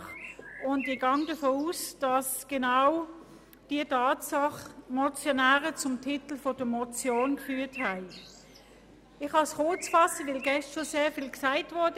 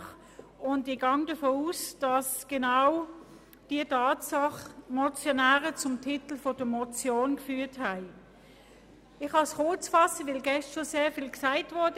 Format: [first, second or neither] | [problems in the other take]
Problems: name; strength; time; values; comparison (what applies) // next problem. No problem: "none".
second | background sound (Bird); 15 dB below the speech